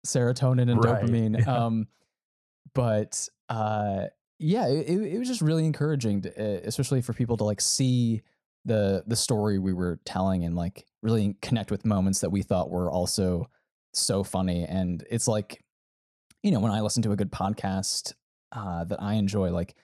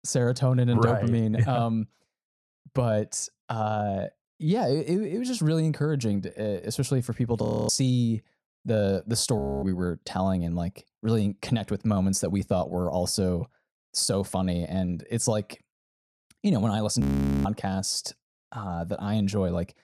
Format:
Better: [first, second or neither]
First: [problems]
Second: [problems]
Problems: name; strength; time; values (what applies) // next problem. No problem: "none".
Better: first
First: none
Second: audio freezing; at 7.5 s, at 9.5 s and at 17 s